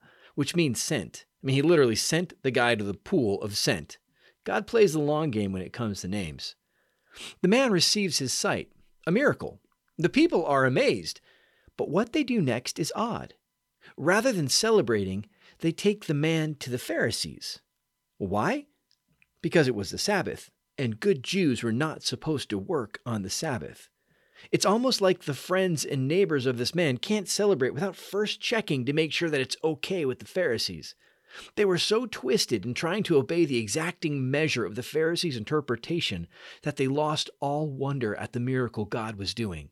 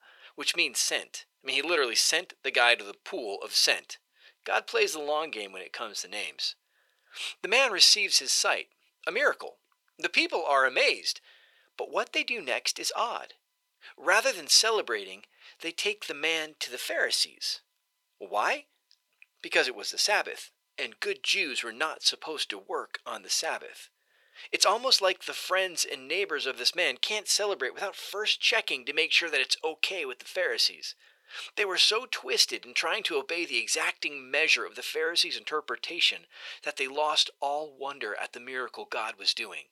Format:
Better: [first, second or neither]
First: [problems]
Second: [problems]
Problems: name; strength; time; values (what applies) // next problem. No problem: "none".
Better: first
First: none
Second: thin; very; fading below 600 Hz